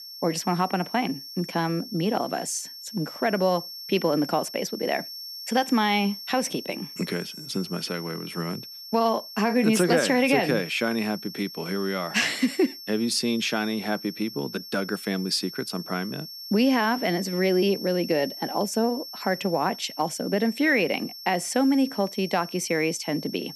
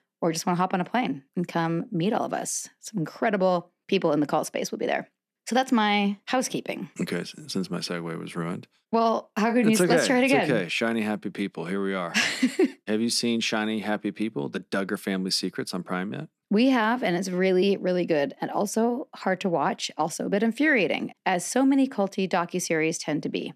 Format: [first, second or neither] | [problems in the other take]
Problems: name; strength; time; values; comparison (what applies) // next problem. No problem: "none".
second | high-pitched whine; noticeable; throughout; 5.5 kHz, 10 dB below the speech